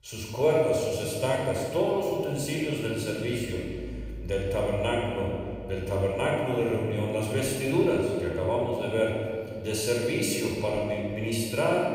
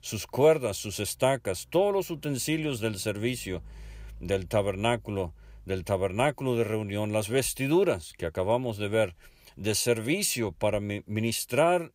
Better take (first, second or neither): second